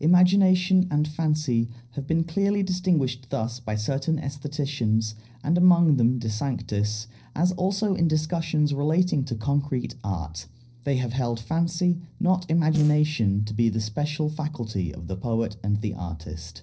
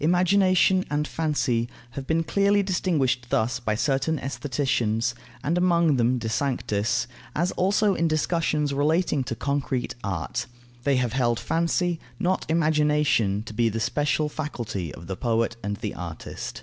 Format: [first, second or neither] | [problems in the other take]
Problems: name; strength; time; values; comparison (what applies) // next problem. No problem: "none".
second | noise reduction (neural separator model SepFormer DNS4)